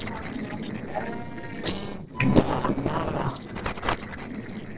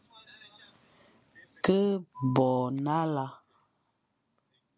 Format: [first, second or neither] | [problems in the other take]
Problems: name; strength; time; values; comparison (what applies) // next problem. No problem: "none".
second | noise reduction (neural separator model SepFormer DNS4)